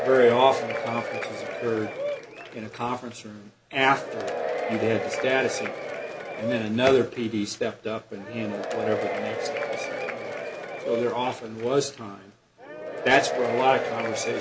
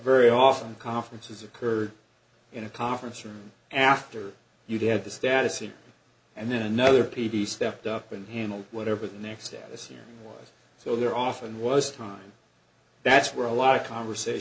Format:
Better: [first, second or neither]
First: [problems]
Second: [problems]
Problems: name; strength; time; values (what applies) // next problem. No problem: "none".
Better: second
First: background sound (Applause / Crowd / Cheering); 5 dB below the speech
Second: none